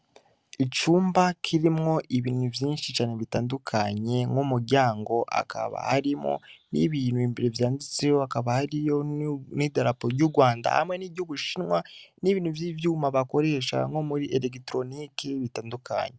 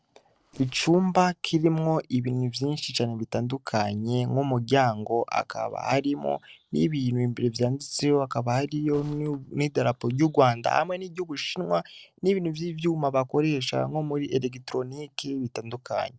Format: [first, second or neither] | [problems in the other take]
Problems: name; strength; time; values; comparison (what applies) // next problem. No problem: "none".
first | noise reduction (neural separator model SepFormer DNS4)